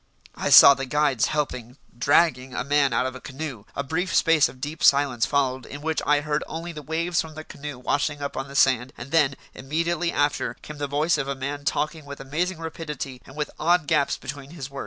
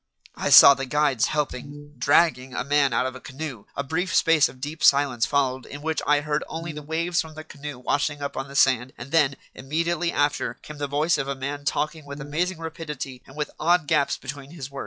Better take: first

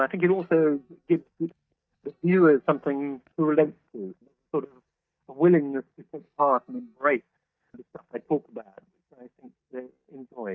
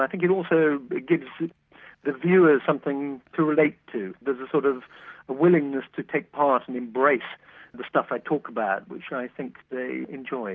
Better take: second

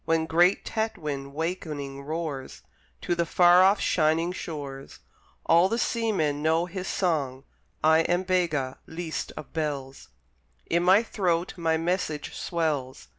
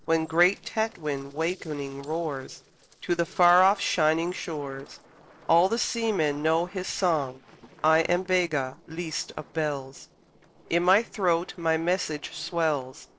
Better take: first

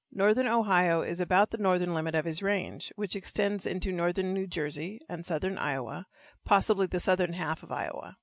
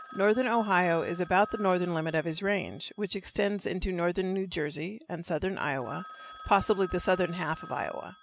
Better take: first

